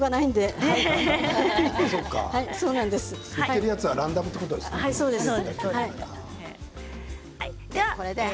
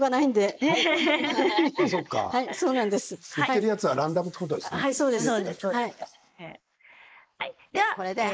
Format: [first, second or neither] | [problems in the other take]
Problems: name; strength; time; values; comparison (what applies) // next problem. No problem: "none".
first | noise reduction (neural mask model Resemble Enhance denoiser)